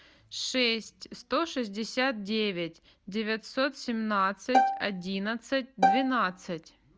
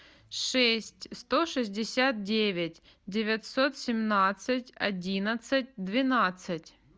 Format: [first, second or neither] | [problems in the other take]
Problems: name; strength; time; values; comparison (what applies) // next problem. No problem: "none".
second | background sound (Bowed string instrument); 3 dB above the speech